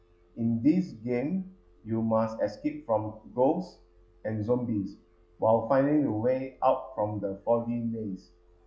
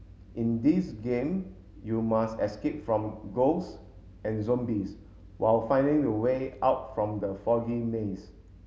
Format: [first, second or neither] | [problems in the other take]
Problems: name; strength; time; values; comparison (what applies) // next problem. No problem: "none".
second | noise reduction (classical method log-MMSE)